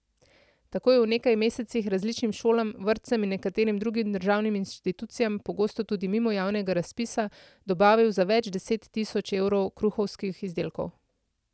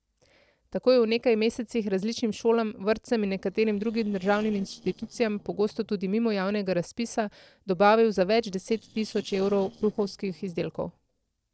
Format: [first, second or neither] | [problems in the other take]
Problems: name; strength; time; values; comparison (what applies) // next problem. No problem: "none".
first | noise reduction (neural separator model SepFormer DNS4)